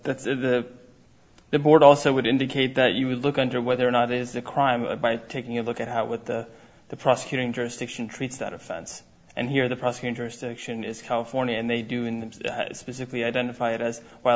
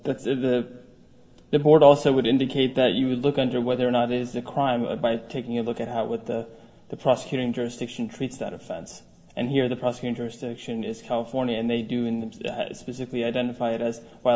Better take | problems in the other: first | room echo; dies away in 2.1 s

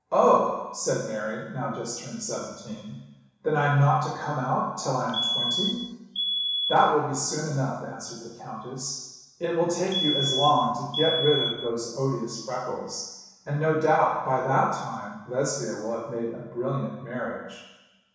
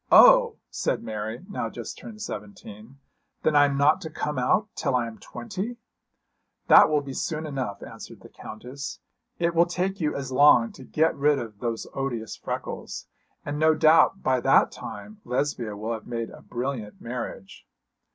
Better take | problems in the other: second | background sound (Alarm); 2 dB below the speech // room echo; dies away in 1.1 s

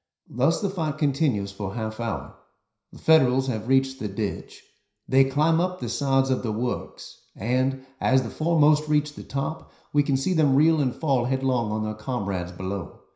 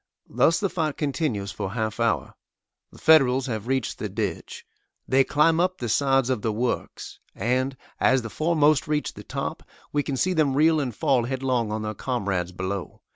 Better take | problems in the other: second | room echo; dies away in 0.5 s

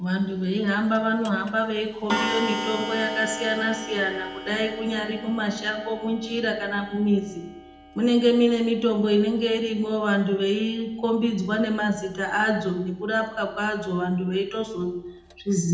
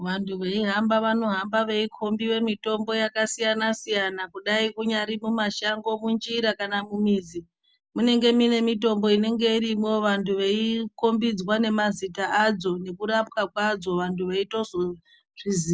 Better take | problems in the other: second | background sound (Clock); 13 dB below the speech // room echo; dies away in 0.7 s

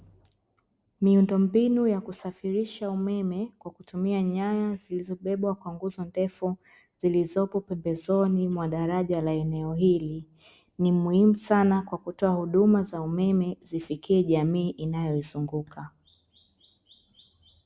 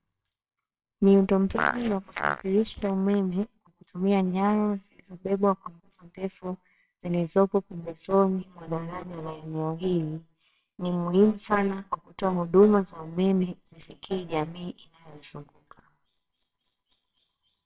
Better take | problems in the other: first | noise reduction (neural separator model SepFormer WHAMR!)

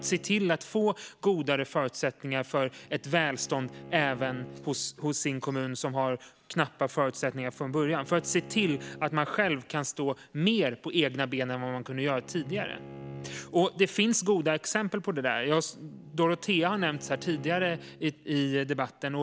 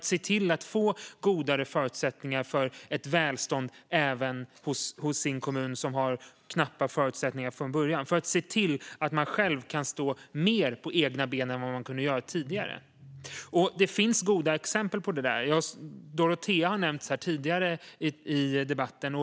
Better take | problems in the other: second | background sound (Bowed string instrument); 20 dB below the speech

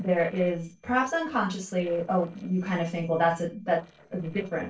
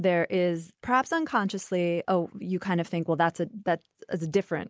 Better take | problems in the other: second | noise reduction (neural separator model SepFormer DNS4)

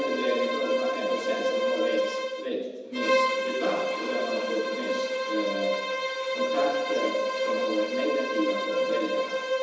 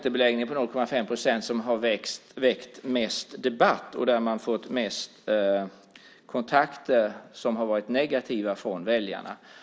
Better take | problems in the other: second | background sound (Bowed string instrument); 4 dB above the speech // room echo; dies away in 1.1 s

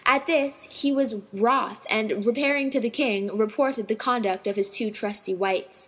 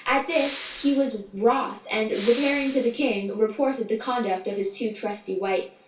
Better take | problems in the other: first | background sound (Respiratory sounds); 15 dB below the speech // room echo; dies away in 0.2 s

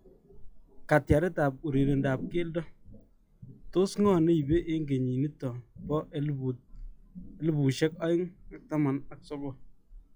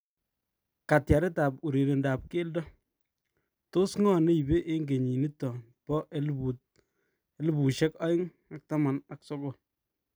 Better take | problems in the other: second | noise reduction (classical method log-MMSE)

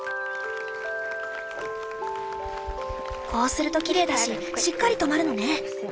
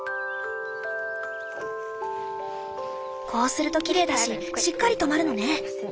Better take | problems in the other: second | background sound (Applause + Tap); 16 dB below the speech

